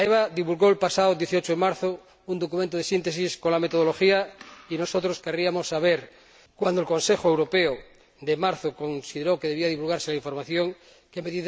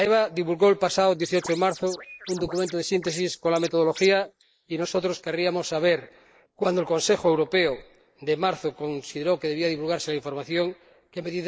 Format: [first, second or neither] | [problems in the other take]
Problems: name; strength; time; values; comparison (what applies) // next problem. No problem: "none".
first | noise reduction (neural mask model Resemble Enhance denoiser)